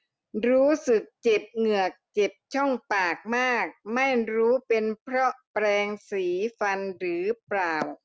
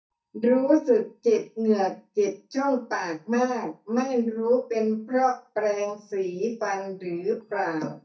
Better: first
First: none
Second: noise reduction (neural mask model DeepFilterNet 3)

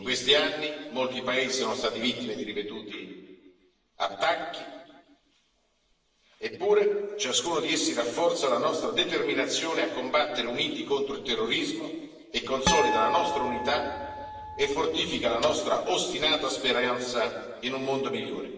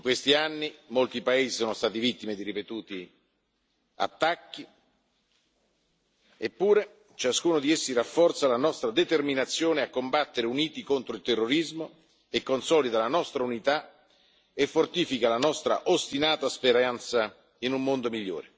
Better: second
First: background sound (Harp); 3 dB below the speech // room echo; dies away in 1.3 s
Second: none

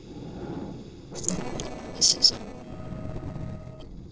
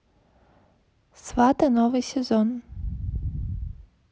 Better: second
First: noise reduction (neural separator model SepFormer DNS4)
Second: none

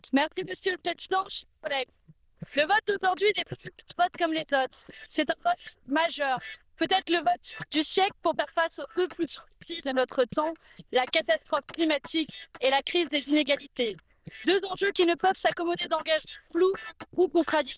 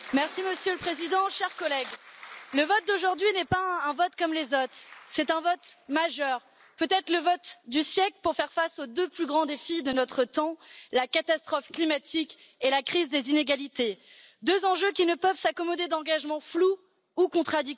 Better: second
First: noise reduction (neural diffusion model UNIVERSE++)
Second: none

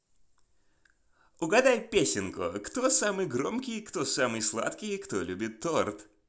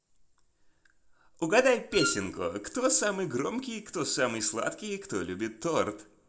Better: first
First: none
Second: background sound (Wind instrument, woodwind instrument); 6 dB below the speech // room echo; dies away in 0.3 s

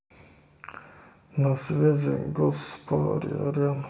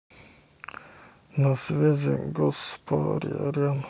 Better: second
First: room echo; dies away in 0.8 s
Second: none

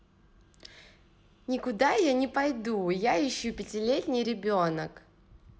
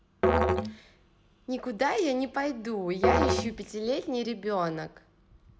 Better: first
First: none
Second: background sound (Musical instrument); as loud as the speech

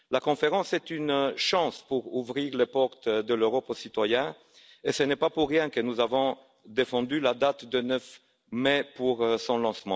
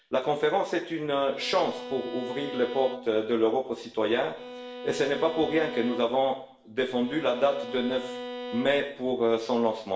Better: first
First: none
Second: background sound (Bowed string instrument); 11 dB below the speech // room echo; dies away in 0.7 s

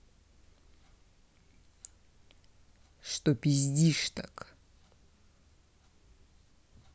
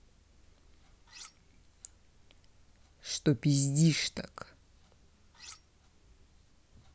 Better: first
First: none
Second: background sound (Cutlery, silverware); 18 dB below the speech

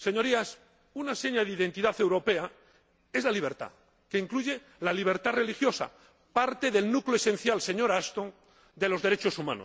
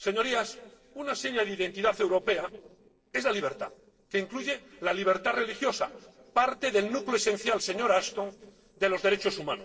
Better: first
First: none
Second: noise reduction (neural separator model SepFormer DNS4)

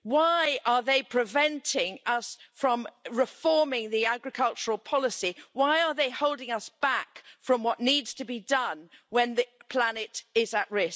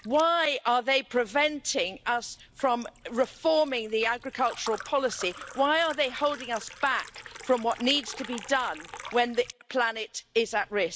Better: first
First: none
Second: background sound (Liquid); 18 dB below the speech

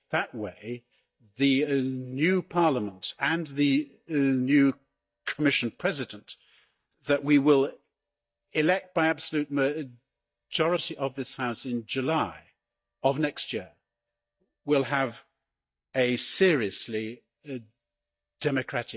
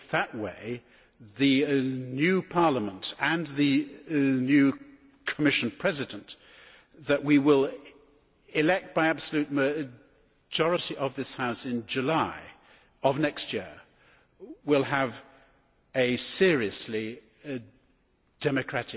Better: second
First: noise reduction (neural mask model DeepFilterNet 3)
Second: none

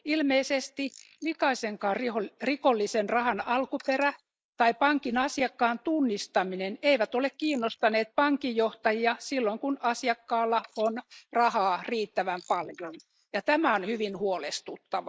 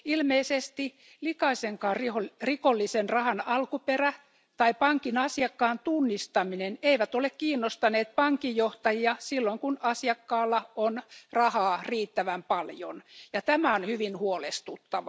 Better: second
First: noise reduction (neural mask model Resemble Enhance denoiser)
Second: none

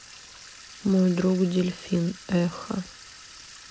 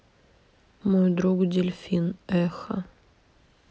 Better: second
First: background sound (Sink (filling or washing) / Water tap, faucet); 19 dB below the speech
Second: none

